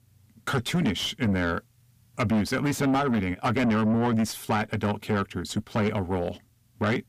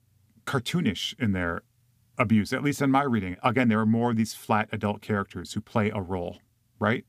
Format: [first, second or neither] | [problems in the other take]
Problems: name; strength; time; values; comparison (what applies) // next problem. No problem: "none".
second | distortion; heavy; 8 dB below the speech